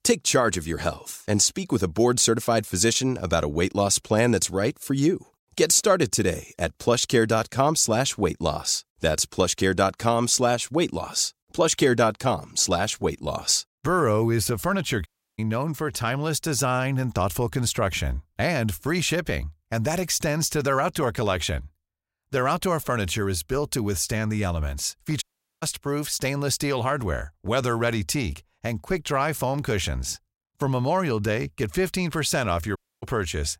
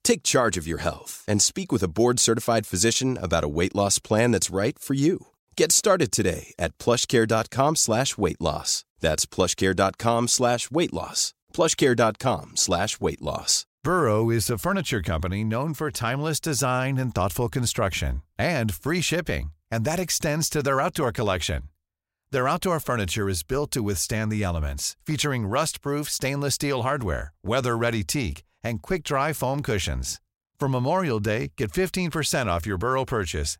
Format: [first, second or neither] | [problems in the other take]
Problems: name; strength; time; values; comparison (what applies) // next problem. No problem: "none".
second | audio cutting out; at 15 s, at 25 s and at 33 s